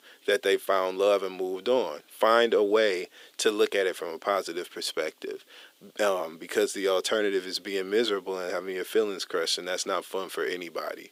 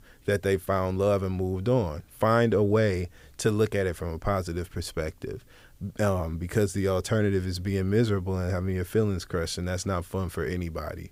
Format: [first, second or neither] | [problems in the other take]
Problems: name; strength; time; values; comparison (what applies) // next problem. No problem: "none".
second | thin; very; fading below 300 Hz